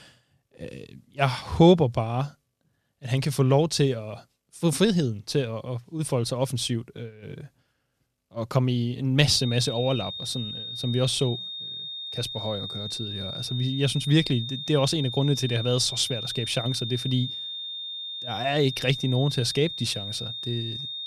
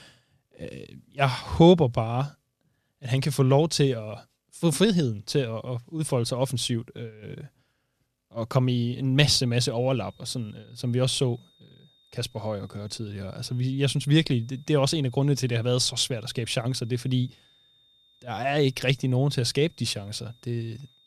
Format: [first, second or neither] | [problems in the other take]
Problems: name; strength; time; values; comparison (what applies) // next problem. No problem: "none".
second | high-pitched whine; loud; from 9.5 s on; 3.5 kHz, 7 dB below the speech; faint in the second